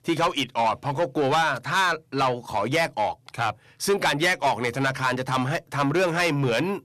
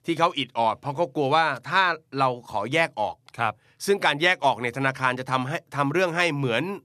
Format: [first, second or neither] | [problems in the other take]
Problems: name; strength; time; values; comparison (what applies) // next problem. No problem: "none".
second | distortion; heavy; 8 dB below the speech